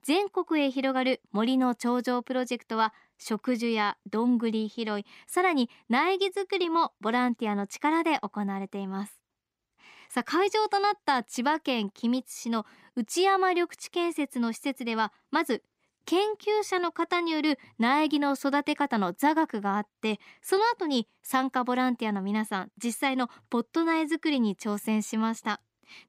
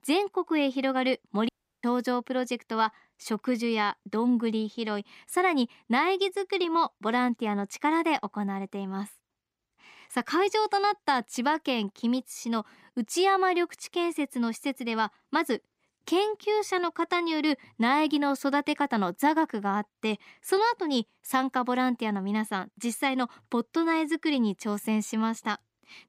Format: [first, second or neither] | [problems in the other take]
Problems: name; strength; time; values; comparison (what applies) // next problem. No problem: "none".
first | audio cutting out; at 1.5 s